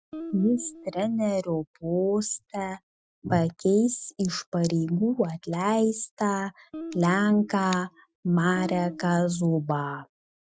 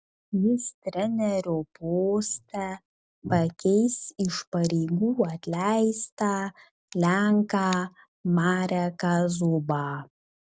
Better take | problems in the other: second | noise reduction (classical method Wiener filter)

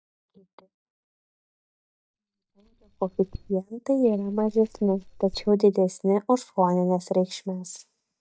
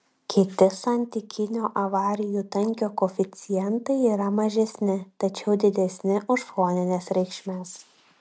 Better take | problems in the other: second | noise reduction (neural mask model DeepFilterNet 3)

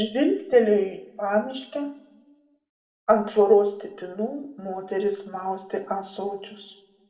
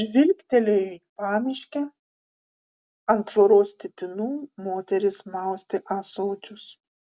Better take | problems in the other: second | room echo; dies away in 1 s

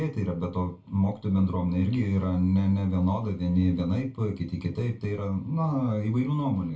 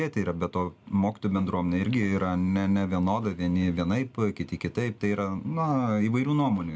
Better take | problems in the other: second | room echo; dies away in 0.2 s

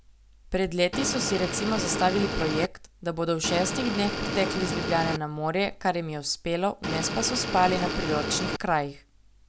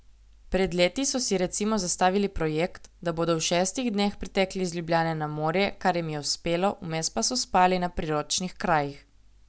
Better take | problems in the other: second | background sound (Motor vehicle (road) / Engine); 2 dB below the speech

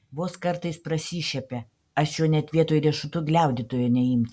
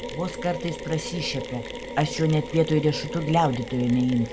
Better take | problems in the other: first | background sound (Mechanisms); 10 dB below the speech

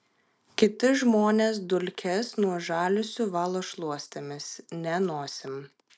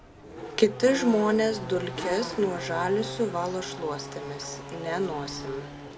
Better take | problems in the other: first | background sound (Race car, auto racing / Accelerating, revving, vroom); 9 dB below the speech // room echo; dies away in 0.4 s

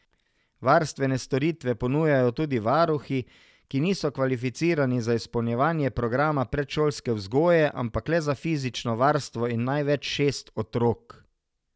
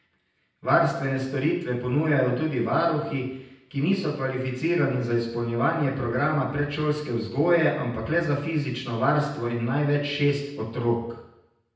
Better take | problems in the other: first | room echo; dies away in 0.9 s

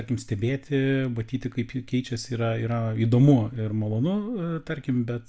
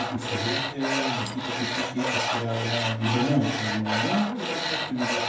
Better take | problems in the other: first | background sound (Tools); as loud as the speech // room echo; dies away in 0.6 s

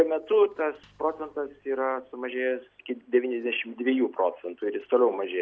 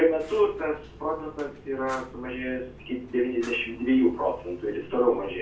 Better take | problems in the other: first | background sound (Fire); 19 dB below the speech // room echo; dies away in 0.3 s

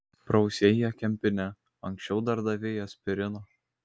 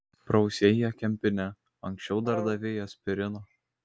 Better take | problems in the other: first | background sound (Brass instrument); 12 dB below the speech

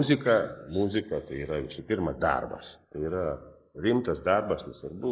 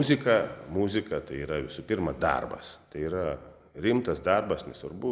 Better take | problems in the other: second | noise reduction (neural mask model Resemble Enhance denoiser)

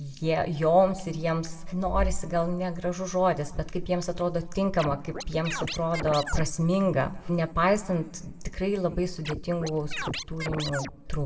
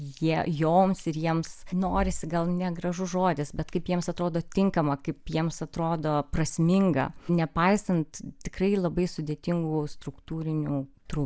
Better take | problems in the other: second | background sound (Scratching (performance technique)); 9 dB below the speech // room echo; dies away in 1.1 s

